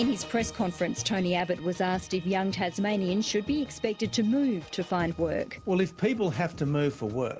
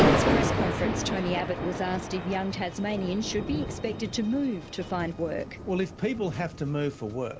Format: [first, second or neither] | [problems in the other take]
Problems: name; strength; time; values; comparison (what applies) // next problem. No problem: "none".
first | background sound (Thunder); as loud as the speech